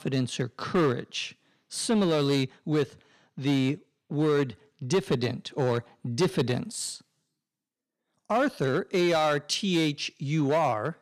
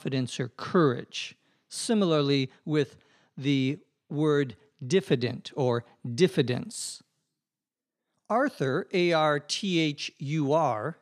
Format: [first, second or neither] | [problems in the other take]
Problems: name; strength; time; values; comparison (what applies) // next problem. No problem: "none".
second | distortion; slight; 5% of the sound clipped